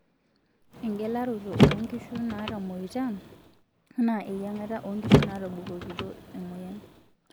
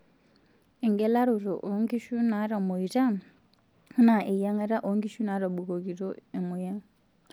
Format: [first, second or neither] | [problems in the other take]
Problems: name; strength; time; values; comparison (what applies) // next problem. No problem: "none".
second | background sound (Car); 5 dB above the speech